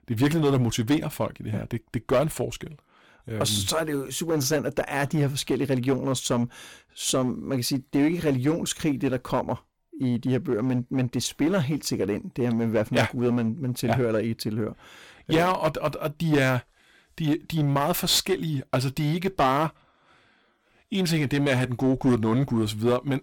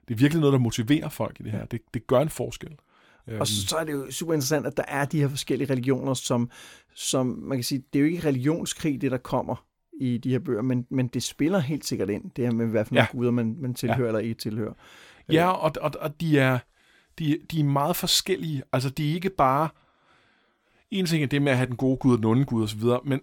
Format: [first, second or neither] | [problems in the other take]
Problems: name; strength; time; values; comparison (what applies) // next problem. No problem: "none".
second | distortion; slight; 6% of the sound clipped